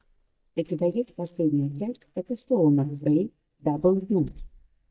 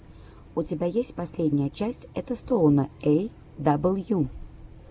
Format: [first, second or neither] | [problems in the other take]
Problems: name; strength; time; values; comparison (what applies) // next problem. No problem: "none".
second | noise reduction (neural mask model DeepFilterNet 3)